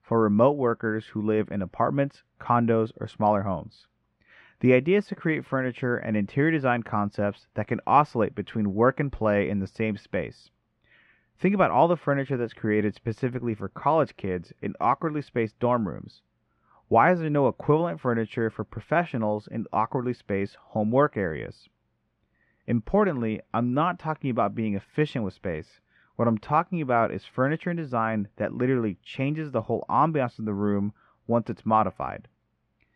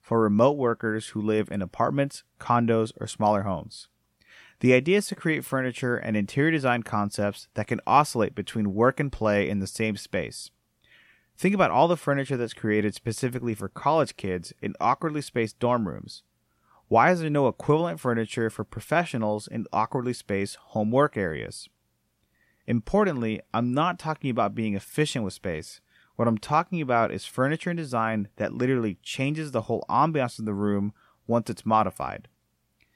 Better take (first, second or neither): second